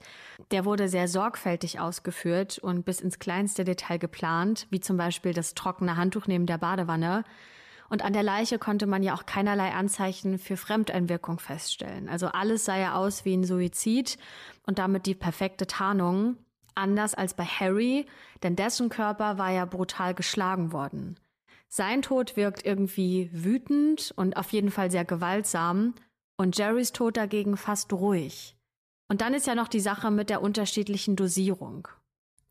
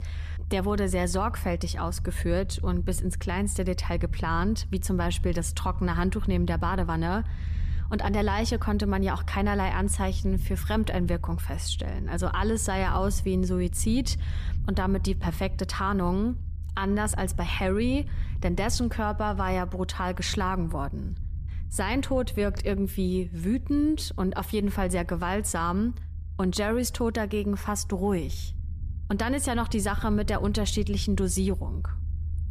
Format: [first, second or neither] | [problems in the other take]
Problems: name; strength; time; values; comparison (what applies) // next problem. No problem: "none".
first | low rumble; faint; throughout; 20 dB below the speech